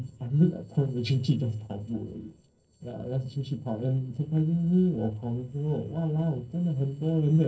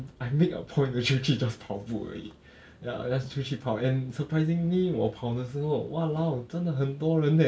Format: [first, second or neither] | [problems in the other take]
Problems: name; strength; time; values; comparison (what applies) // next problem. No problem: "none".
second | noise reduction (neural separator model SepFormer DNS4)